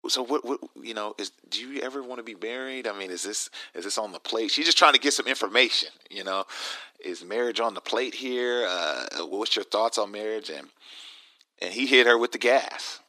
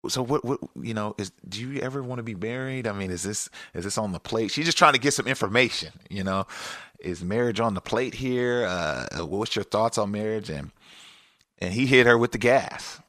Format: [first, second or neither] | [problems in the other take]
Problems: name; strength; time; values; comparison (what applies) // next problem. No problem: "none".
second | thin; somewhat; fading below 300 Hz